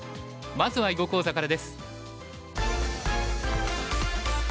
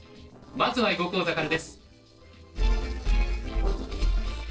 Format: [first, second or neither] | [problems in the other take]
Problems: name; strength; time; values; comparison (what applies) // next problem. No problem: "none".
first | noise reduction (neural separator model SepFormer DNS4)